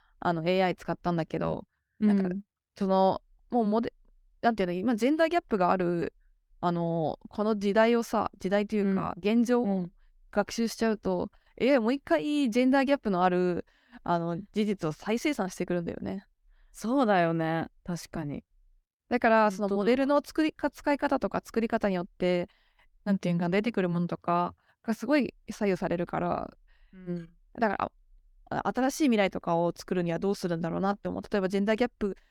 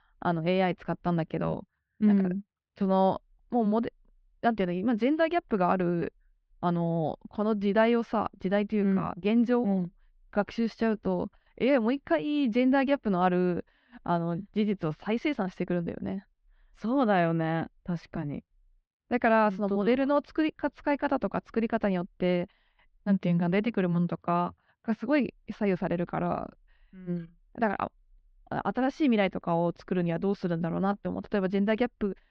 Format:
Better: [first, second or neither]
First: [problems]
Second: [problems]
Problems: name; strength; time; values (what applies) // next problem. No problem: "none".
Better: first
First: none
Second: muffled; slightly; fading above 4 kHz